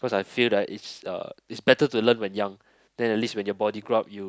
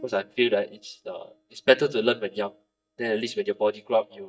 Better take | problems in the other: first | noise reduction (neural mask model DeepFilterNet 3)

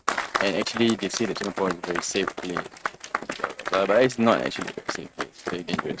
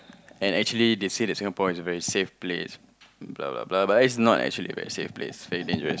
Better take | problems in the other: second | noise reduction (neural mask model RNNoise)

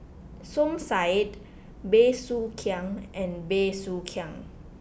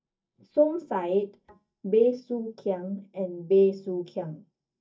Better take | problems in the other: first | noise reduction (neural mask model DeepFilterNet 3)

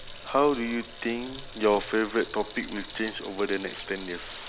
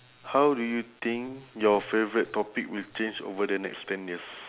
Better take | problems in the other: second | background sound (Sink (filling or washing) / Water tap, faucet); 13 dB below the speech

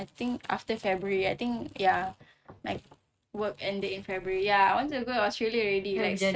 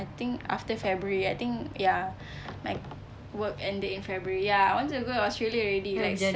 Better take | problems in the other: second | noise reduction (neural mask model RNNoise)

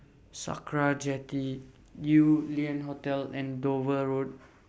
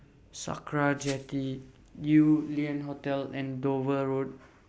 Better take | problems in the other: first | background sound (Glass); 19 dB below the speech

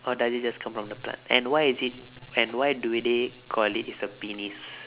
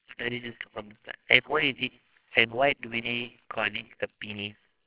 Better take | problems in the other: first | noise reduction (neural separator model SepFormer WHAMR!)

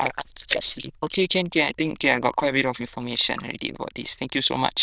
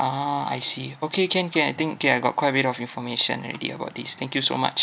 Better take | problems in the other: second | noise reduction (neural diffusion model UNIVERSE++)

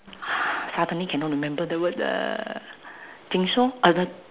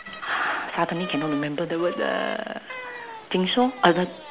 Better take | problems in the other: first | background sound (Bicycle); 13 dB below the speech

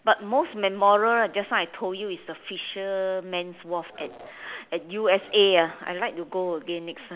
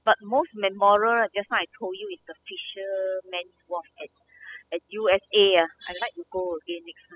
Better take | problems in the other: first | noise reduction (classical method spectral subtraction)

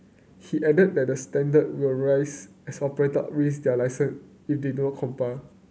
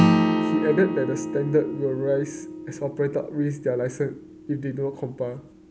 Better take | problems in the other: first | background sound (Acoustic guitar / Strum); 1 dB below the speech

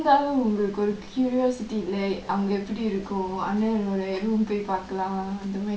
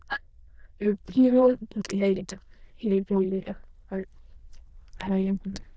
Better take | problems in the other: first | noise reduction (neural diffusion model UNIVERSE++)

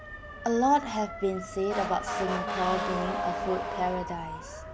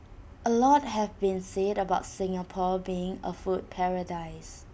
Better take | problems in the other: second | background sound (Motor vehicle (road) / Siren); 4 dB below the speech

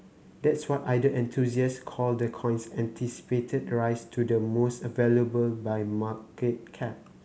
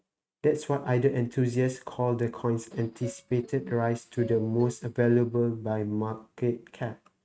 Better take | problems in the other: first | noise reduction (neural mask model RNNoise)

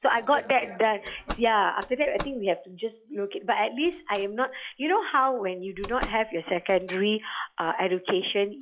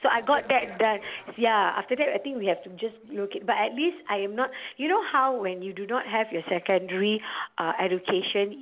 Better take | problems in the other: second | noise reduction (classical method log-MMSE)

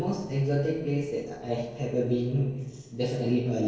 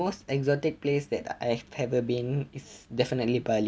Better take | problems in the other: second | noise reduction (neural separator model SepFormer DNS4)

